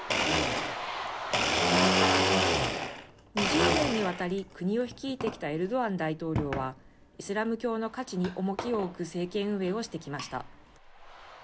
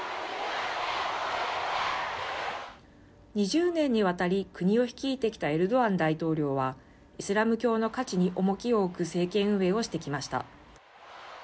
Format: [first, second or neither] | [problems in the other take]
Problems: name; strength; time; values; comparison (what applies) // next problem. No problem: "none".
second | background sound (Domestic sounds, home sounds); 1 dB above the speech